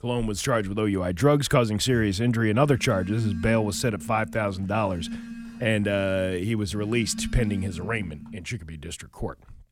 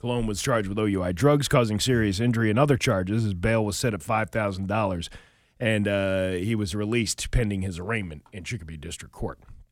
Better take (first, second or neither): second